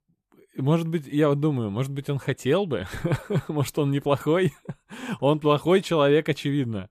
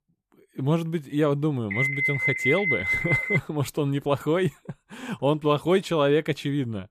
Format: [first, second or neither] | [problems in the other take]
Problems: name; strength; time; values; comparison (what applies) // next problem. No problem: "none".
first | alarm; loud; from 1.5 to 3.5 s; peak 3 dB above the speech